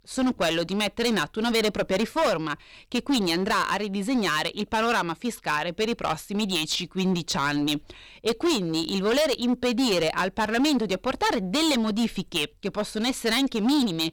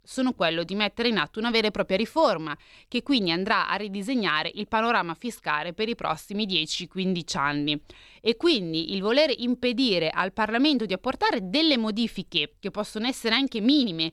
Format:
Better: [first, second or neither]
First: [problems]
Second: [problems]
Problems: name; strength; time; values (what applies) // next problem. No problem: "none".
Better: second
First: distortion; heavy; 13% of the sound clipped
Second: none